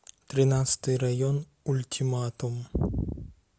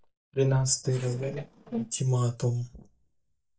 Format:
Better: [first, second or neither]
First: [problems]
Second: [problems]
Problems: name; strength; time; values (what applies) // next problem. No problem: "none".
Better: first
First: none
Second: noise reduction (neural mask model DeepFilterNet 3)